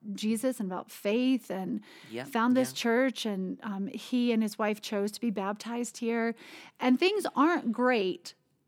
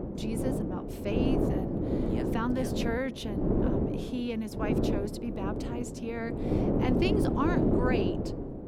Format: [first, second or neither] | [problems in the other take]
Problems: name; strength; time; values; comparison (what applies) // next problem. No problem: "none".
first | wind noise on the microphone; heavy; 2 dB above the speech